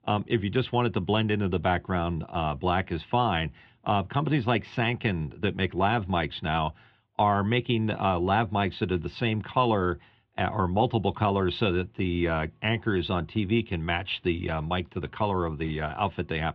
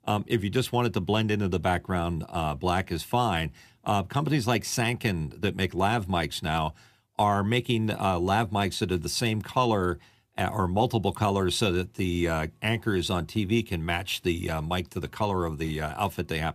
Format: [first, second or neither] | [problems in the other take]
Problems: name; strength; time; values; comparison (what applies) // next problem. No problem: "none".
second | muffled; very; fading above 3.5 kHz